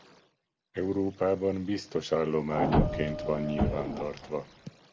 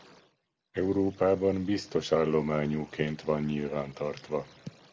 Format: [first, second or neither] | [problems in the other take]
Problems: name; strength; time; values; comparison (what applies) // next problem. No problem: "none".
second | background sound (Printer); 1 dB above the speech